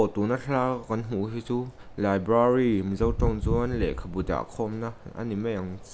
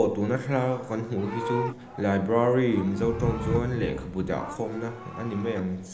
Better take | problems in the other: first | background sound (Livestock, farm animals, working animals); 13 dB below the speech // room echo; dies away in 0.8 s

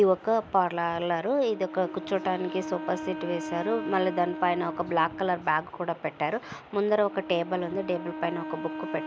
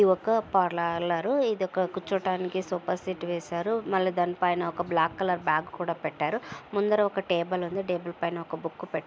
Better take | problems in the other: second | background sound (Wind instrument, woodwind instrument); 11 dB below the speech

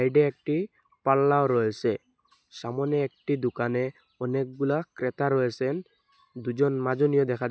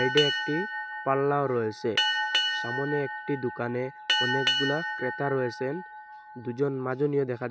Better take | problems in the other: first | background sound (Boat, Water vehicle); 2 dB below the speech

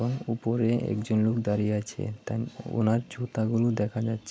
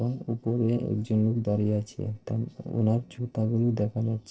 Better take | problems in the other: first | noise reduction (neural separator model SepFormer DNS4)

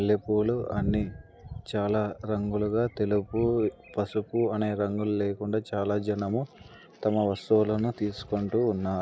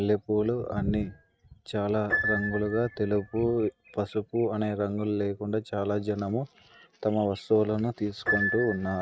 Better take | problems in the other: first | noise reduction (neural mask model RNNoise)

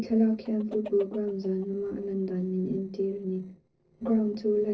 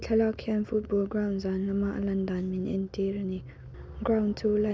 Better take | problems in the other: second | noise reduction (neural separator model SepFormer DNS4)

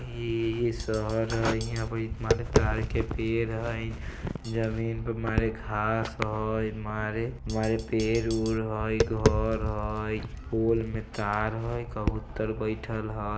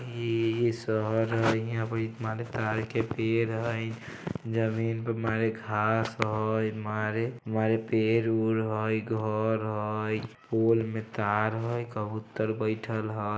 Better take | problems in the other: second | background sound (Tap); 4 dB below the speech

